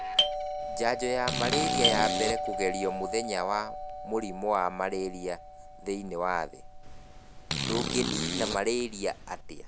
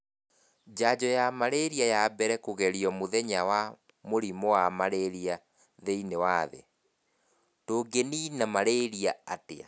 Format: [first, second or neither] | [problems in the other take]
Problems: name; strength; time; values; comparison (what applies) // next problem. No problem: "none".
second | background sound (Fart + Doorbell); 1 dB below the speech